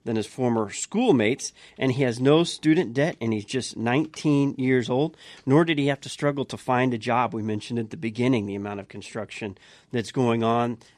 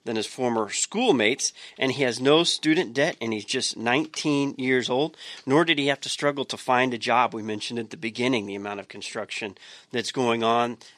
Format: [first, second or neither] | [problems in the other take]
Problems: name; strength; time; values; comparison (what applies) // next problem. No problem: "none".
first | thin; very slightly; fading below 950 Hz